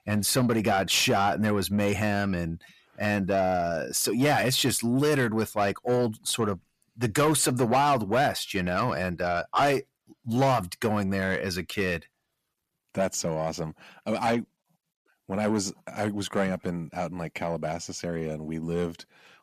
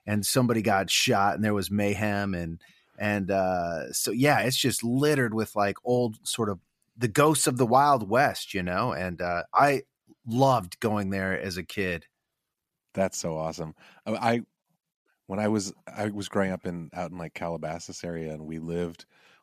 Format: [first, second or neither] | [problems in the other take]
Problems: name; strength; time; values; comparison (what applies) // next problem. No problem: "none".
second | distortion; slight; 10 dB below the speech